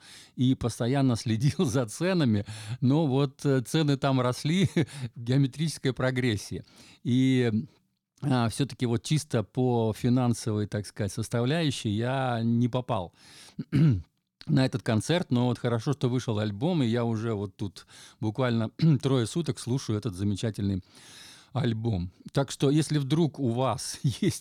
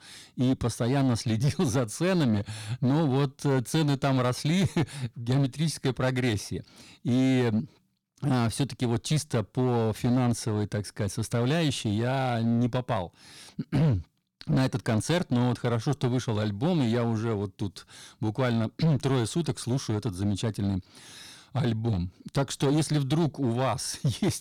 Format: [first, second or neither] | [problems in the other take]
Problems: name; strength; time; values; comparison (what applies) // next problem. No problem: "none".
first | distortion; slight; 9% of the sound clipped